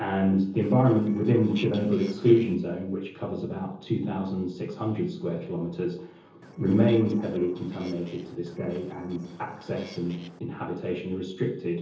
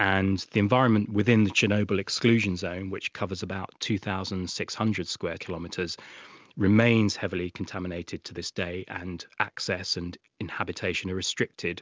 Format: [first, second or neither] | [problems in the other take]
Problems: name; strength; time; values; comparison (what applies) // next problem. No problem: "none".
second | noise reduction (neural separator model SepFormer DNS4)